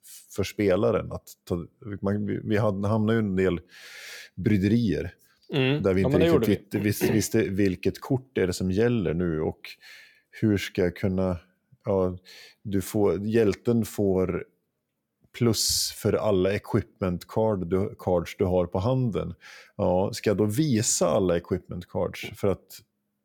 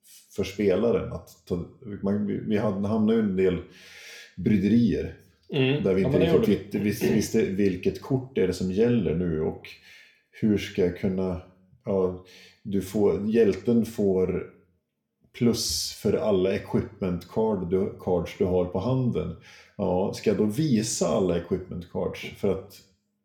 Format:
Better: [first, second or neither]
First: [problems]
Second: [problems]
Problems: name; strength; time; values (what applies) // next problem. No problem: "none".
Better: first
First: none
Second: room echo; very slight; dies away in 0.4 s